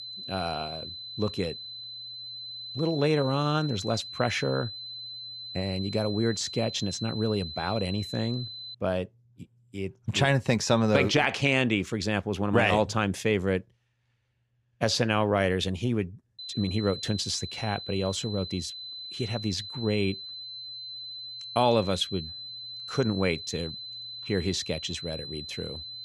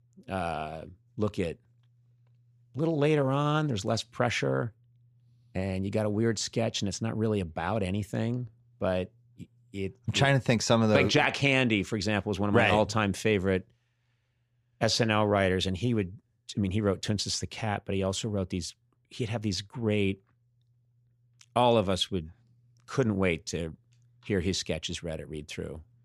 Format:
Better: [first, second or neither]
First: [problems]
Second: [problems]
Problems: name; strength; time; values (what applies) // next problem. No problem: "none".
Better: second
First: high-pitched whine; loud; until 8.5 s and from 16 s on; 4 kHz, 9 dB below the speech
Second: none